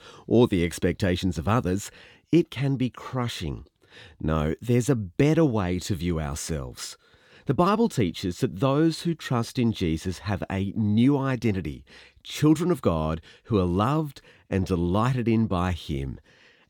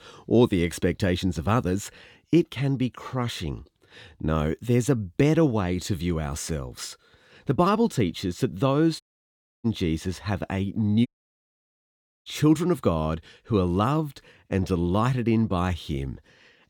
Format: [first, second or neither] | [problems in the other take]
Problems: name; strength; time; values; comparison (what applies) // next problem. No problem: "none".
first | audio cutting out; at 9 s for 0.5 s and at 11 s for 1 s